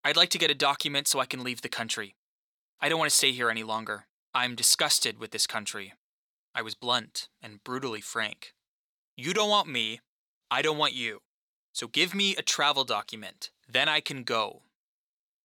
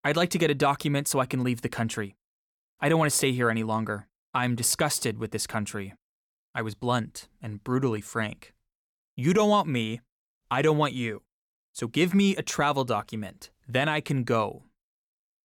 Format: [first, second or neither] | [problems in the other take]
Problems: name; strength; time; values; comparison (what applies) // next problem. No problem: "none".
second | thin; somewhat; fading below 750 Hz